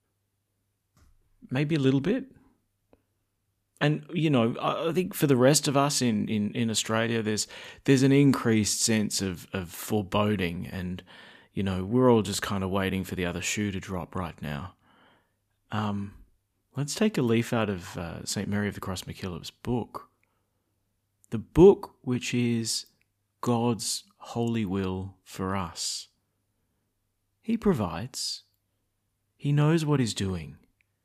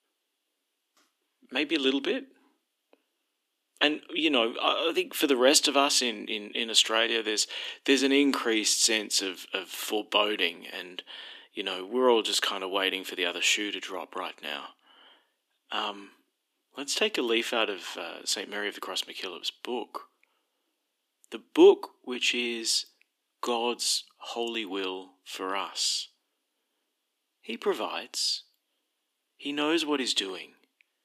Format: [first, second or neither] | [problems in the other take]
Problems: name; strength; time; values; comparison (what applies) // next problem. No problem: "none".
first | thin; somewhat; fading below 300 Hz